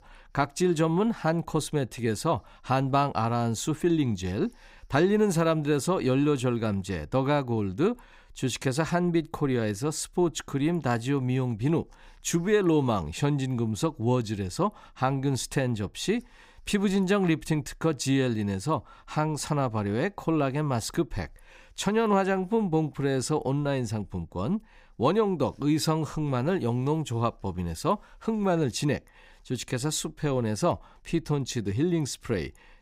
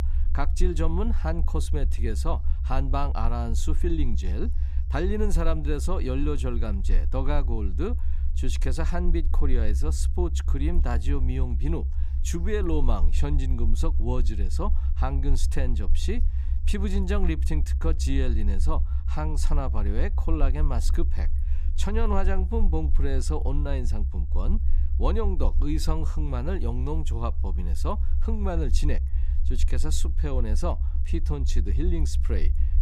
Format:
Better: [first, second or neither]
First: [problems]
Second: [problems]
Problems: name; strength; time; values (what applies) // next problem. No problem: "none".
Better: first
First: none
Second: low rumble; noticeable; throughout; 15 dB below the speech